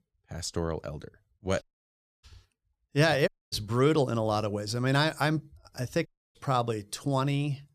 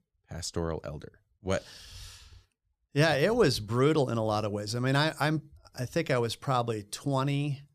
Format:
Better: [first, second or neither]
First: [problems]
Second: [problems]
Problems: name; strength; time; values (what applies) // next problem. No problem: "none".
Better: second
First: audio cutting out; at 1.5 s for 0.5 s, at 3.5 s and at 6 s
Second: none